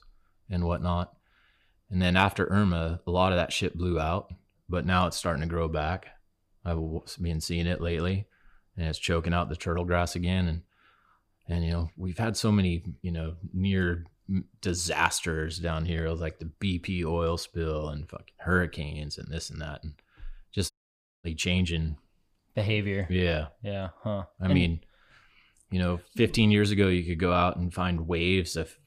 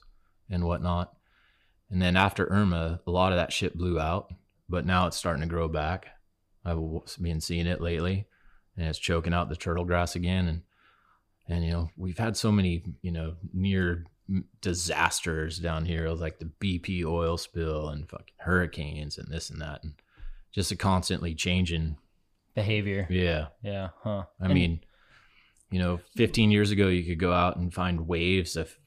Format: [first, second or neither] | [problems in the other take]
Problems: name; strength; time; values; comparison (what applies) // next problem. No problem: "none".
second | audio cutting out; at 21 s for 0.5 s